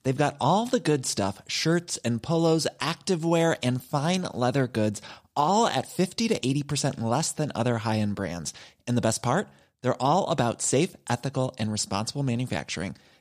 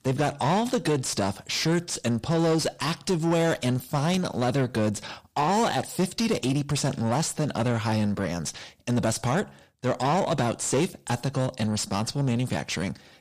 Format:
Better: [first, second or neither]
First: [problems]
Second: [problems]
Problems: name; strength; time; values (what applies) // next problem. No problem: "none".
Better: first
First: none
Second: distortion; slight; 9 dB below the speech